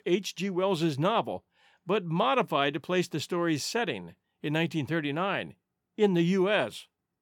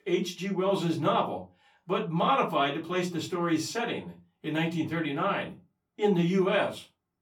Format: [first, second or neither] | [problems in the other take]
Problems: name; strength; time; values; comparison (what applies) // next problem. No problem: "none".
first | off-mic speech; far // room echo; very slight; dies away in 0.2 s